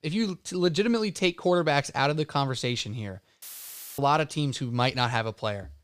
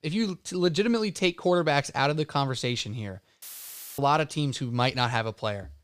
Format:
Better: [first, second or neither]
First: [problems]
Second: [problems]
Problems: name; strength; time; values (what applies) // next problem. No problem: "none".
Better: neither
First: audio cutting out; filled with static; at 3.5 s for 0.5 s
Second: audio cutting out; filled with static; at 3.5 s for 0.5 s